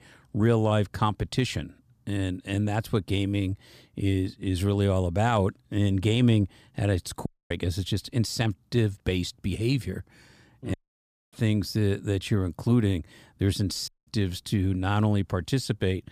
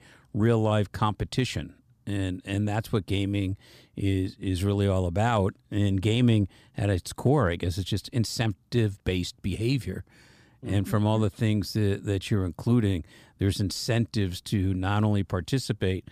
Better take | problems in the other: second | audio cutting out; at 7.5 s, at 11 s for 0.5 s and at 14 s

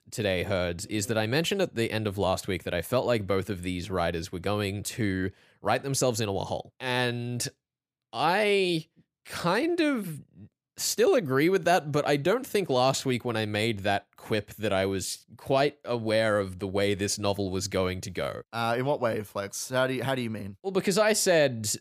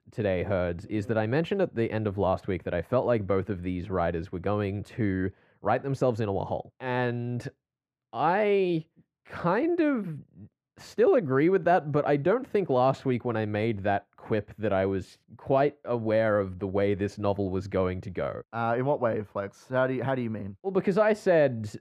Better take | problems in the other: first | muffled; very; fading above 3.5 kHz

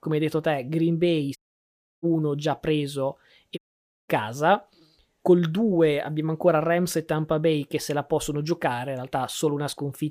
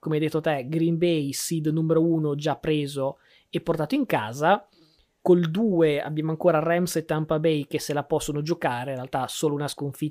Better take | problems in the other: second | audio cutting out; at 1.5 s for 0.5 s and at 3.5 s for 0.5 s

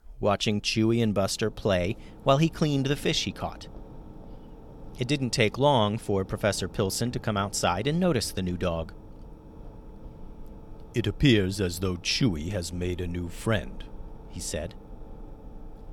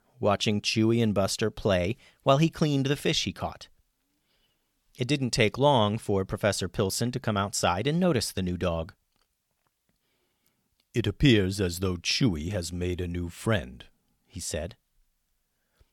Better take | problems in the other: second | low rumble; faint; throughout; 25 dB below the speech

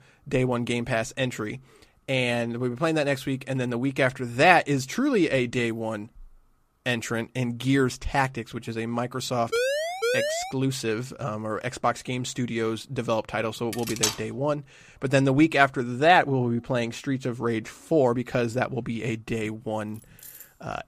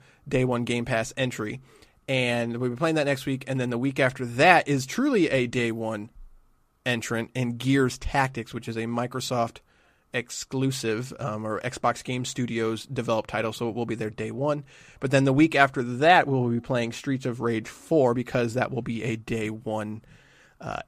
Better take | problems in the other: second | siren; loud; at 9.5 s; peak level with the speech // clattering dishes; loud; at 14 s; peak level with the speech // jangling keys; faint; at 20 s; peak 20 dB below the speech

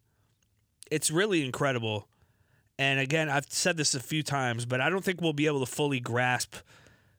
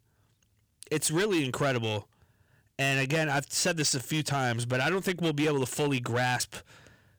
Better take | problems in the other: first | distortion; slight; 8% of the sound clipped

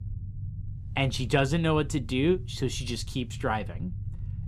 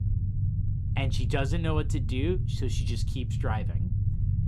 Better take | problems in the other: first | low rumble; loud; throughout; 9 dB below the speech; faint in the first

